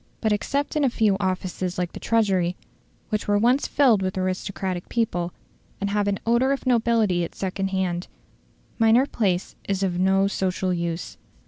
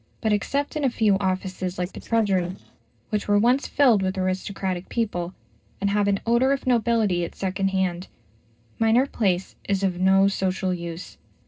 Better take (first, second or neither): first